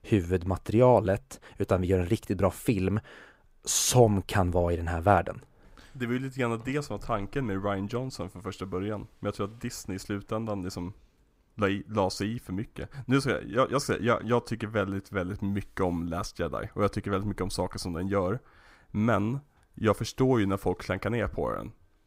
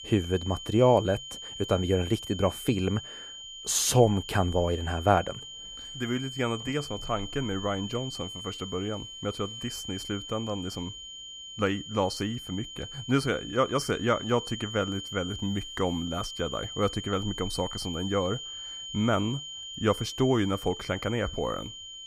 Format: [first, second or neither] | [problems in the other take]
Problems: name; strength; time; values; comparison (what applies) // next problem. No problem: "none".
first | high-pitched whine; loud; throughout; 3 kHz, 9 dB below the speech